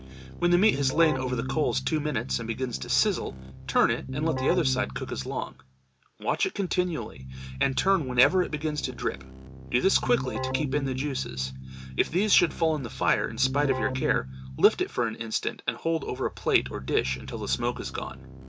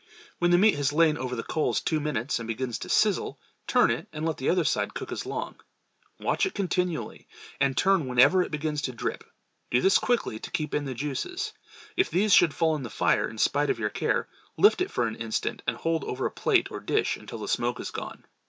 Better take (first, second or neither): second